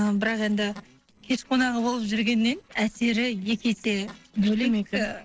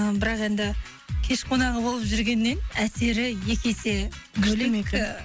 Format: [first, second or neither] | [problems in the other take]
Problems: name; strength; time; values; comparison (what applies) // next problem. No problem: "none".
second | noise reduction (neural separator model SepFormer DNS4)